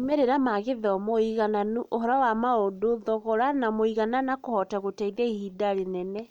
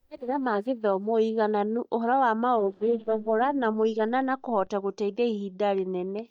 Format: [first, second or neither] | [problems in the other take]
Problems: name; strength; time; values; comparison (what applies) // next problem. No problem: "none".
first | noise reduction (neural mask model DeepFilterNet 3)